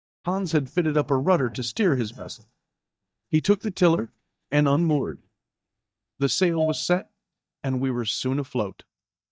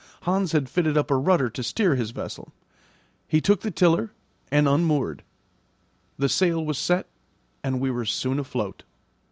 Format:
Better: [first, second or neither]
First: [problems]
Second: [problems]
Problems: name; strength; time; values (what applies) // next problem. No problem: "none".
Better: second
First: noise reduction (neural mask model DeepFilterNet 3)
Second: none